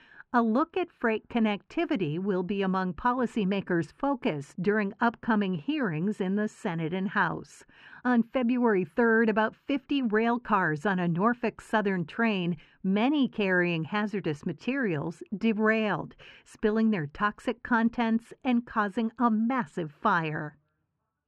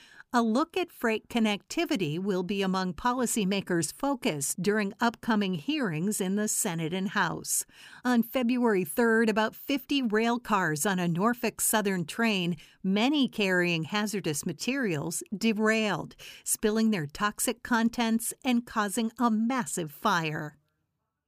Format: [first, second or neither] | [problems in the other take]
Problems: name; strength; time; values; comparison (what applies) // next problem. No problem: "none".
second | muffled; very; fading above 2 kHz